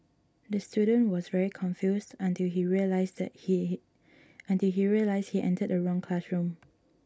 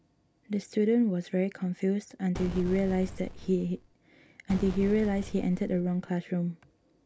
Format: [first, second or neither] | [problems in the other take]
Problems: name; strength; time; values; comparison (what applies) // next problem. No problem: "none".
first | background sound (Boom); 10 dB below the speech